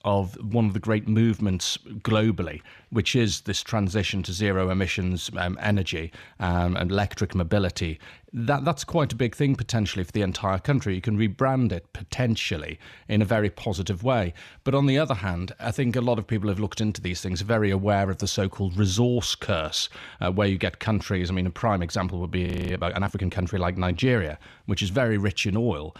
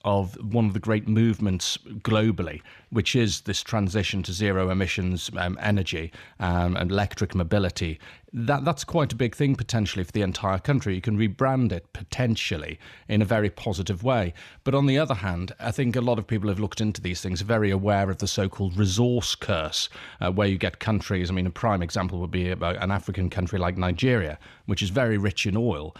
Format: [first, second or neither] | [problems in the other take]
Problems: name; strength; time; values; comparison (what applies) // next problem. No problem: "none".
second | audio freezing; at 22 s